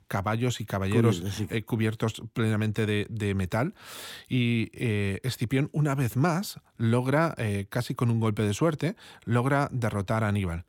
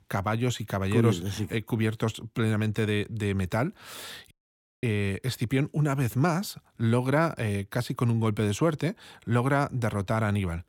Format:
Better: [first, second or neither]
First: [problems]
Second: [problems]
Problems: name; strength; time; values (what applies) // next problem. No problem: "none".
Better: first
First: none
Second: audio cutting out; at 4.5 s for 0.5 s